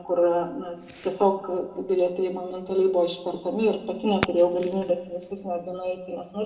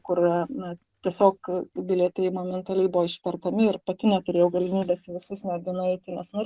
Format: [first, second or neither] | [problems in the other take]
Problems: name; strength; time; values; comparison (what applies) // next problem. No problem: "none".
second | background sound (Fireworks); 17 dB below the speech // room echo; dies away in 1.7 s